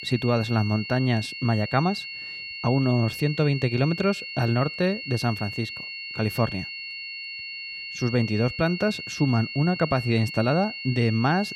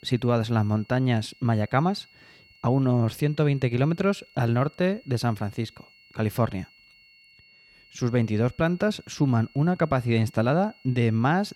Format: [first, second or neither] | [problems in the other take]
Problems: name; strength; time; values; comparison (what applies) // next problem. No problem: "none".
second | high-pitched whine; loud; throughout; 3 kHz, 8 dB below the speech; faint in the second